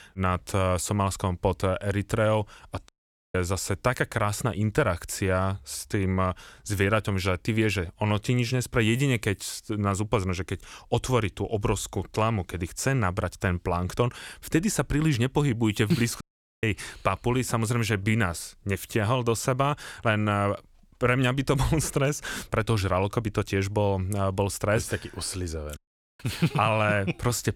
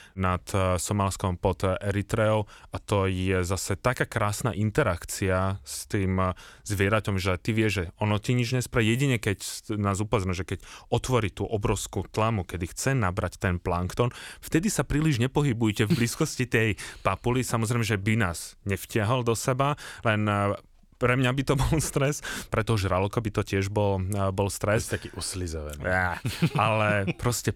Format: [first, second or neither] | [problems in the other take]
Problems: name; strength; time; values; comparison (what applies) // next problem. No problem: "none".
second | audio cutting out; at 3 s, at 16 s and at 26 s